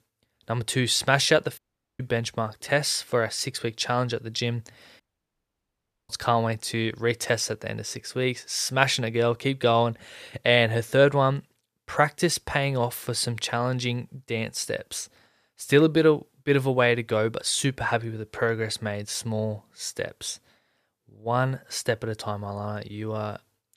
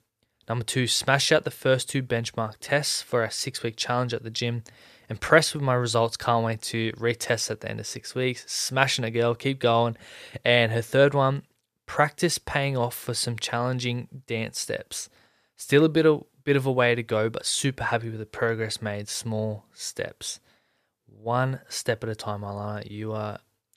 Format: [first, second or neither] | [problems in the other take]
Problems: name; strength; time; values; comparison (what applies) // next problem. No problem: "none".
second | audio cutting out; at 1.5 s and at 5 s for 1 s